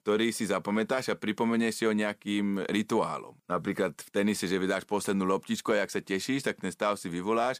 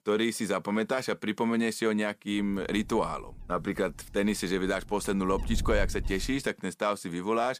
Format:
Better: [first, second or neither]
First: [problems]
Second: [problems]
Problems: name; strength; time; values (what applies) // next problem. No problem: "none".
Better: first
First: none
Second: wind noise on the microphone; occasional gusts; from 2.5 to 6.5 s; 25 dB below the speech